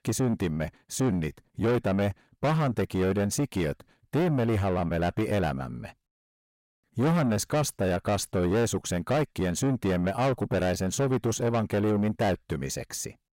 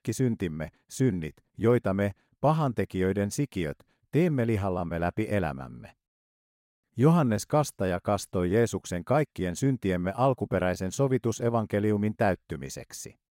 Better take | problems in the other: second | distortion; heavy; 7 dB below the speech

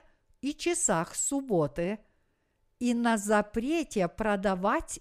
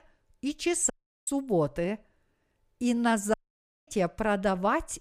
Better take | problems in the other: first | audio cutting out; at 1 s and at 3.5 s for 0.5 s

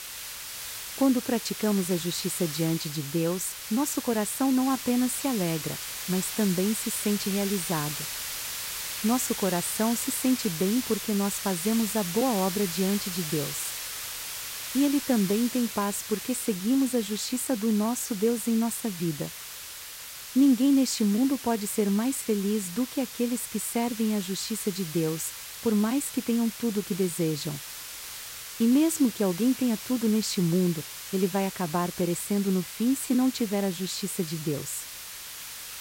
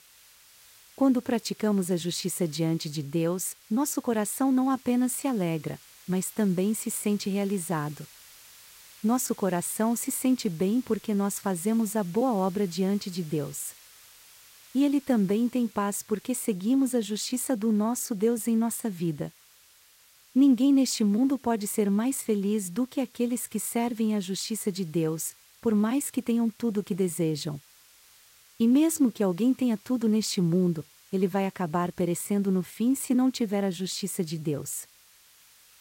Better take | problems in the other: second | hiss; loud; throughout; 7 dB below the speech; faint in the second

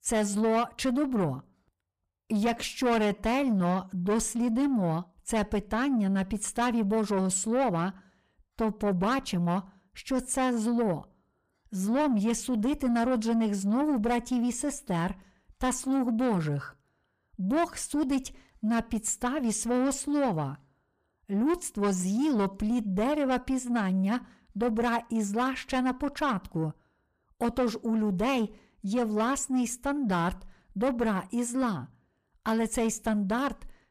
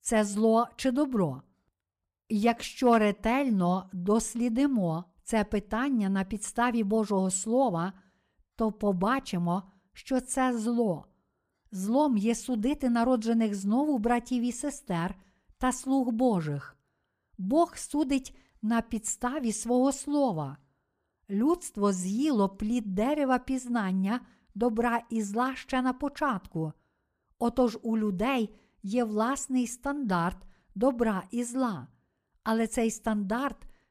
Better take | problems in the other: second | distortion; slight; 10 dB below the speech

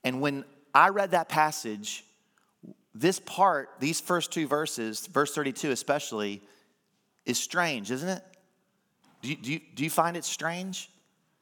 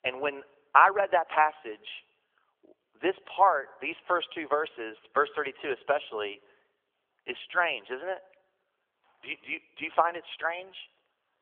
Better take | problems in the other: first | phone-call audio; nothing above 3.5 kHz

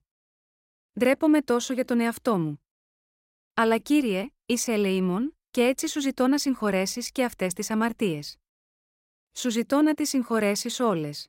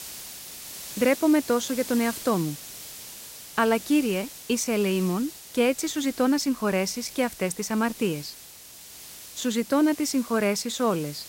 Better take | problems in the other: first | hiss; noticeable; throughout; 15 dB below the speech

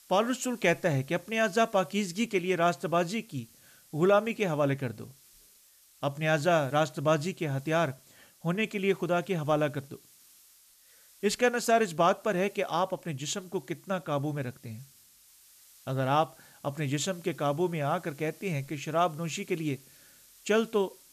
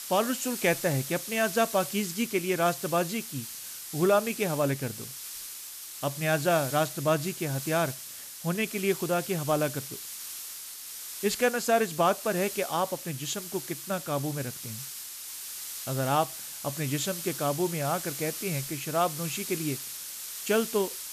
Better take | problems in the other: first | hiss; loud; throughout; 7 dB below the speech; faint in the first

